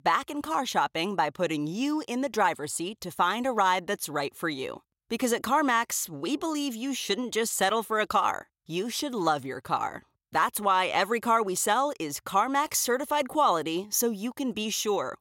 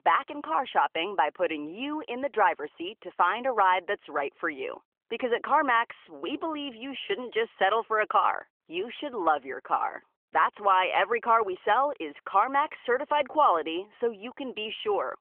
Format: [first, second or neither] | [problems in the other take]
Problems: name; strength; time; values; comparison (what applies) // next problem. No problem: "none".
first | phone-call audio; nothing above 3 kHz